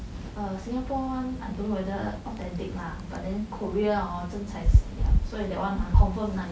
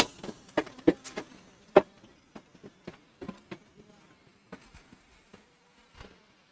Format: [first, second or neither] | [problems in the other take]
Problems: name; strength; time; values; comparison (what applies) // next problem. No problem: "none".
first | noise reduction (neural mask model RNNoise)